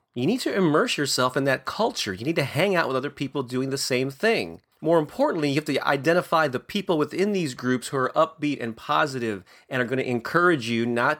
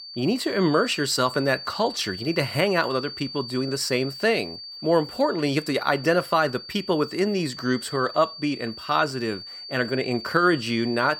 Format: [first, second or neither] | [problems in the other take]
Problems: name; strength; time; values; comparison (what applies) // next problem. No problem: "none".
first | high-pitched whine; noticeable; throughout; 4.5 kHz, 10 dB below the speech